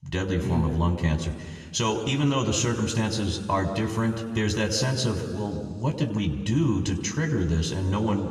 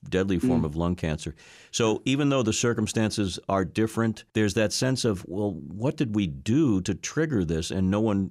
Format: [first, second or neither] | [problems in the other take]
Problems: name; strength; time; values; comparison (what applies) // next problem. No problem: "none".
second | room echo; slight; dies away in 1.9 s // off-mic speech; somewhat distant